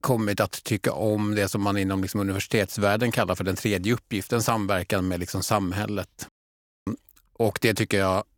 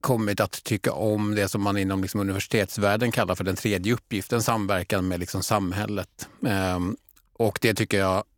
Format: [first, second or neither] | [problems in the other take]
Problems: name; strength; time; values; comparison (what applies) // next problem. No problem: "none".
second | audio cutting out; at 6.5 s for 0.5 s